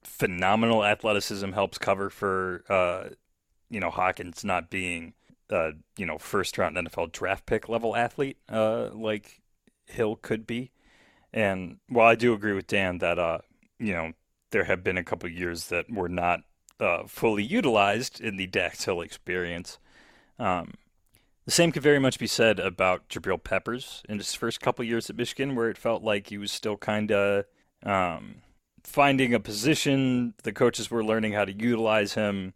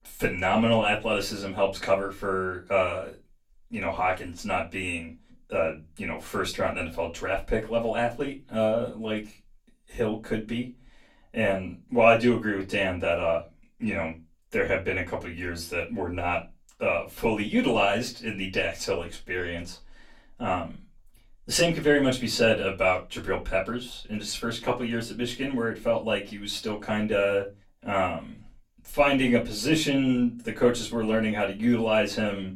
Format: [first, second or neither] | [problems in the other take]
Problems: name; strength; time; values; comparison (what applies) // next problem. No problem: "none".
first | off-mic speech; far // room echo; very slight; dies away in 0.2 s